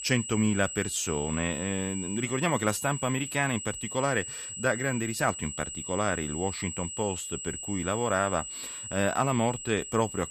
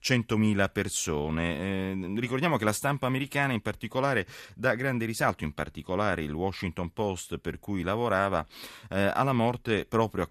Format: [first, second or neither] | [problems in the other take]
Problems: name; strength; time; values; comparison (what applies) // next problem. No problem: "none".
second | high-pitched whine; loud; throughout; 8 kHz, 6 dB below the speech